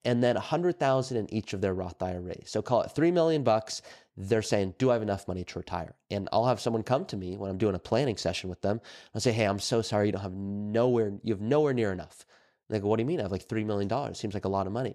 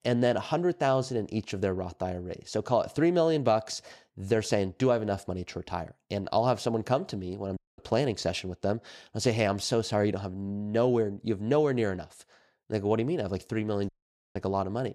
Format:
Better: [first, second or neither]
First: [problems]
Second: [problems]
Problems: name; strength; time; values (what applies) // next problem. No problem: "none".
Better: first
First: none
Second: audio cutting out; at 7.5 s and at 14 s